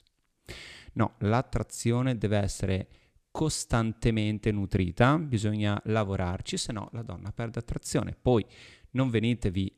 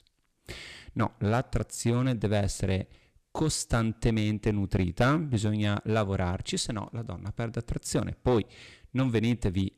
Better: first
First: none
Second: distortion; slight; 3% of the sound clipped

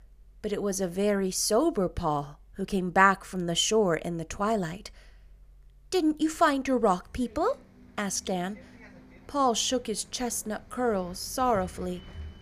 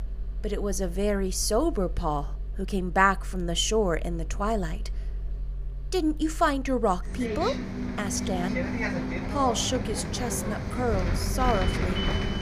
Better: first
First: traffic noise; faint; throughout; 25 dB below the speech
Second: traffic noise; loud; throughout; 5 dB below the speech

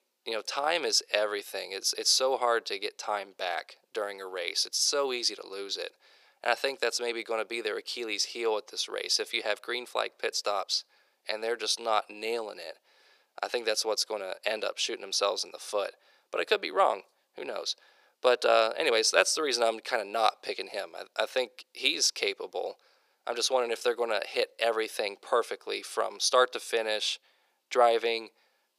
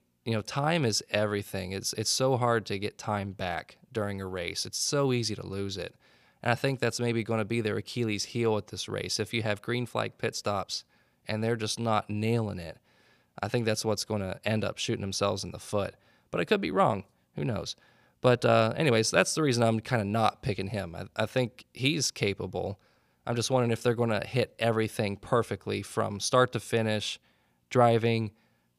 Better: second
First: thin; very; fading below 400 Hz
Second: none

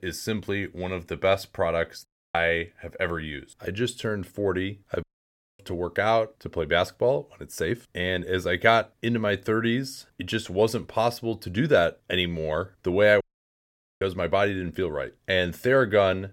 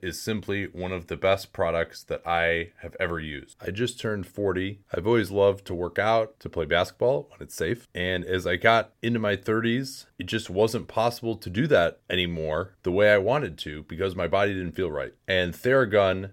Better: second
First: audio cutting out; at 2 s, at 5 s for 0.5 s and at 13 s for 1 s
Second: none

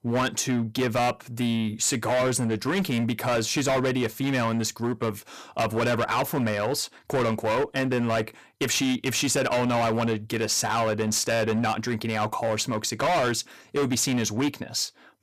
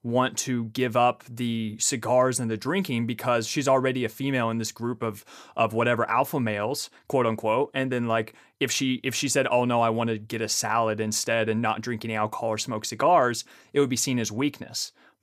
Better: second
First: distortion; heavy; 19% of the sound clipped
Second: none

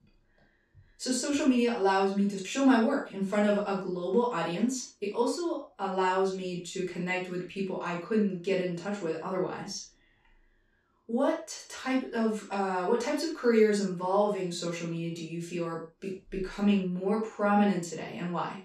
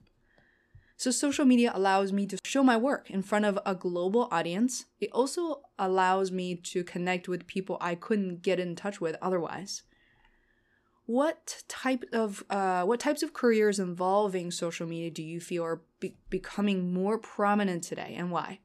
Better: second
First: room echo; noticeable; dies away in 0.3 s // off-mic speech; far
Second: none

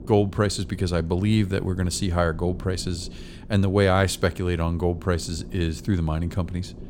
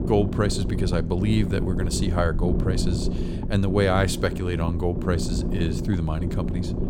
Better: first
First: low rumble; faint; throughout; 20 dB below the speech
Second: low rumble; loud; throughout; 7 dB below the speech

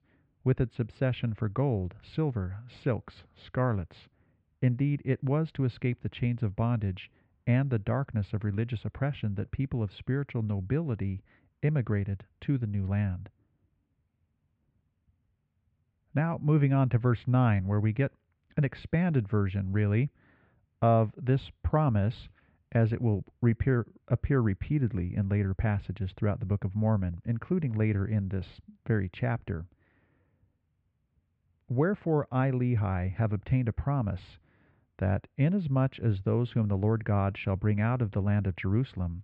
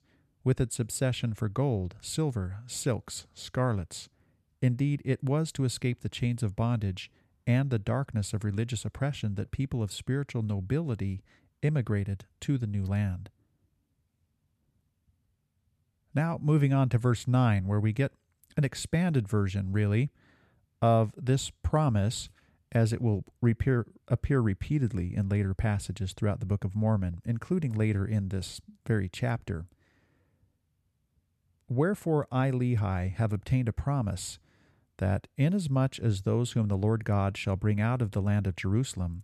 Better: second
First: muffled; very; fading above 3 kHz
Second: none

